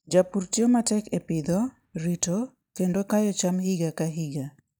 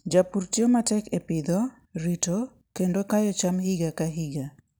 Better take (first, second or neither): second